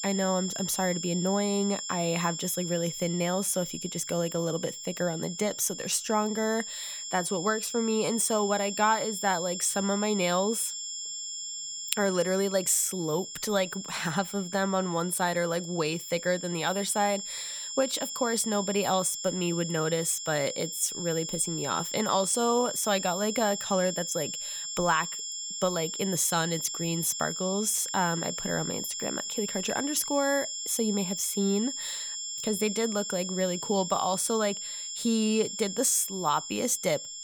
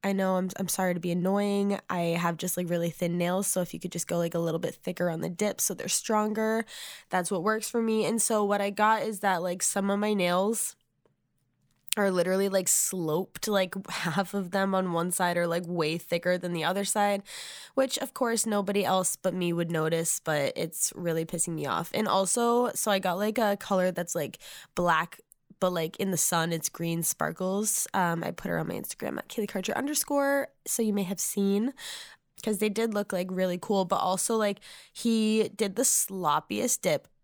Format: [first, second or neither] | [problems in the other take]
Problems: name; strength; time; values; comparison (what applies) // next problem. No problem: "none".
second | high-pitched whine; loud; throughout; 7.5 kHz, 5 dB below the speech